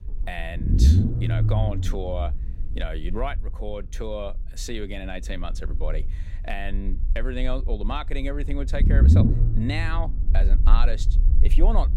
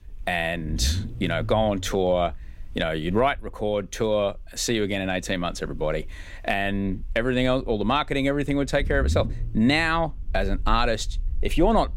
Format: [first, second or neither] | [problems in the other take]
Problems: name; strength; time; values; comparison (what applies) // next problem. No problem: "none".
second | low rumble; loud; throughout; 3 dB below the speech; faint in the second